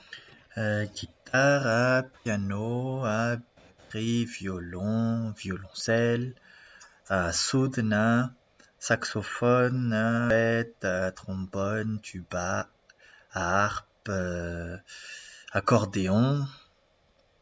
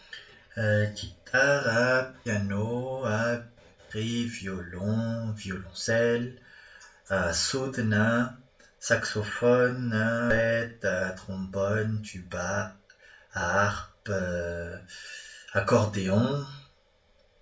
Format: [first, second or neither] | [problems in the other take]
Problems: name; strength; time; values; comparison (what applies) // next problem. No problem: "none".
first | room echo; dies away in 0.3 s